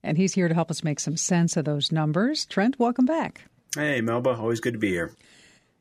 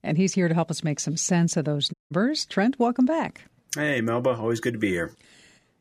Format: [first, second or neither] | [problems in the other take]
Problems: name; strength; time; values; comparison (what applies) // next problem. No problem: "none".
first | audio cutting out; at 2 s